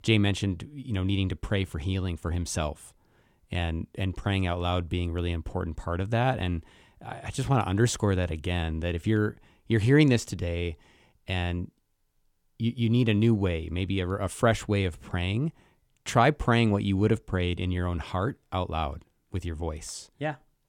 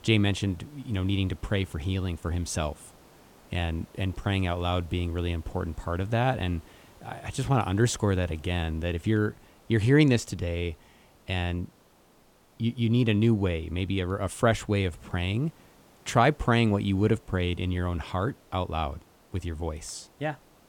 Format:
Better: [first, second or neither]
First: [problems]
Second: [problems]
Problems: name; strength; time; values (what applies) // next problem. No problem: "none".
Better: first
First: none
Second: hiss; faint; throughout; 30 dB below the speech